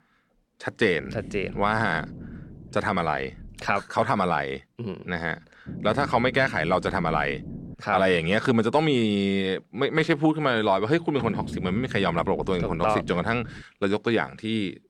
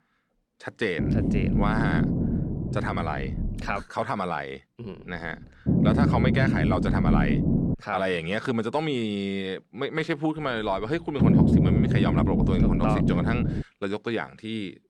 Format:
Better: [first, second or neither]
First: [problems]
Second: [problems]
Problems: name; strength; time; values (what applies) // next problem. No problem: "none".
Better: first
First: low rumble; faint; from 1 to 4 s, from 5 to 7.5 s and from 10 to 14 s; 20 dB below the speech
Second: low rumble; loud; from 1 to 4 s, from 5 to 7.5 s and from 10 to 14 s; 2 dB below the speech